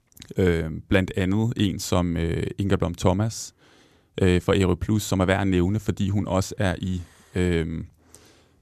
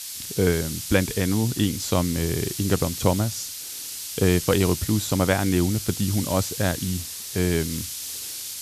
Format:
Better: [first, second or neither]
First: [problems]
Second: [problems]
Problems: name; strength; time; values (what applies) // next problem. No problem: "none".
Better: first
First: none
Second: hiss; loud; throughout; 7 dB below the speech